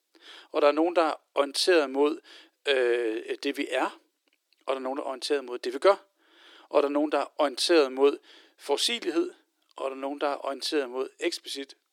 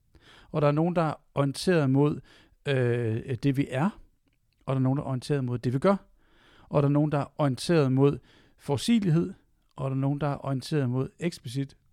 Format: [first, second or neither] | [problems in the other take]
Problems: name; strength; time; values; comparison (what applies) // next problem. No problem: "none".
second | thin; very; fading below 300 Hz